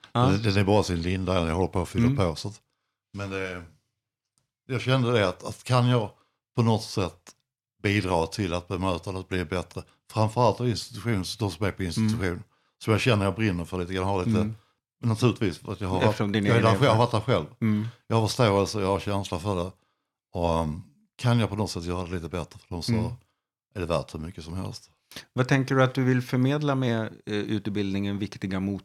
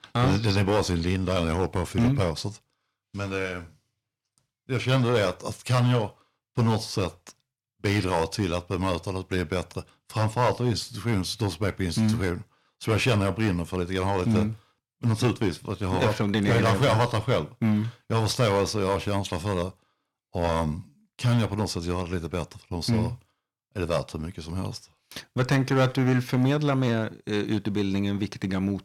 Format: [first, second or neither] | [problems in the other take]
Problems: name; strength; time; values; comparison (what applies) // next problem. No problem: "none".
first | distortion; slight; 4% of the sound clipped